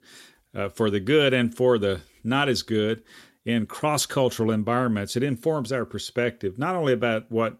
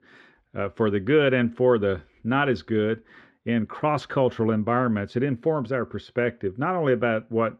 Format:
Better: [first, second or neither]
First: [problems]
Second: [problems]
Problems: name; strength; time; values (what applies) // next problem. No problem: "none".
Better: first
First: none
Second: muffled; very; fading above 2 kHz